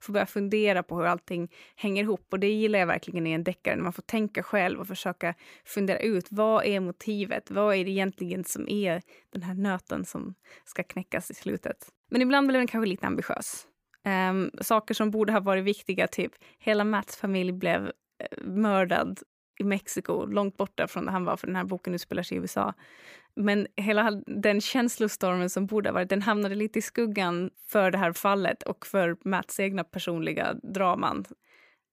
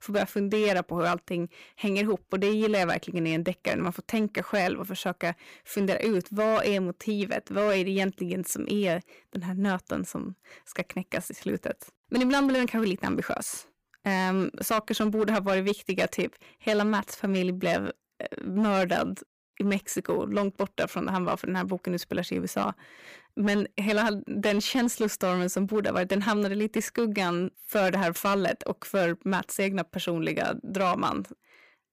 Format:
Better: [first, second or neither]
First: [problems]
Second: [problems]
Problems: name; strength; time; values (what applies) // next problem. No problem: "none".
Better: first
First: none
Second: distortion; slight; 7% of the sound clipped